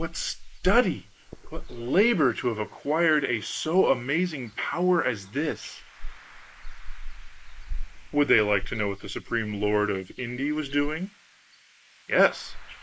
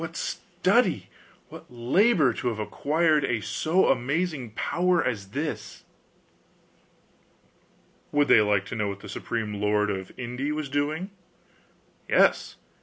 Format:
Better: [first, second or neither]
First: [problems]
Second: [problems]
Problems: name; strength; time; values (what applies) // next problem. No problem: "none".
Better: second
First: noise reduction (neural mask model Resemble Enhance denoiser)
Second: none